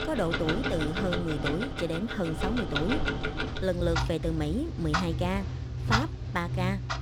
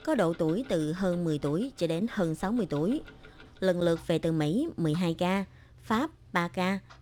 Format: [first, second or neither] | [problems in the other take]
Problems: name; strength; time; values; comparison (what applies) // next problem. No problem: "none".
second | household noises; loud; throughout; as loud as the speech; faint in the second